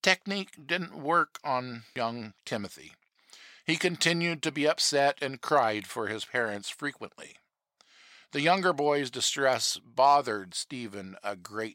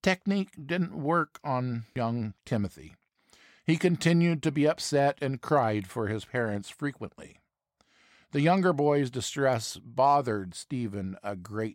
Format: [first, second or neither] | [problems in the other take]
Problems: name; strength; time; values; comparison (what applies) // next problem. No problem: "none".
second | thin; somewhat; fading below 750 Hz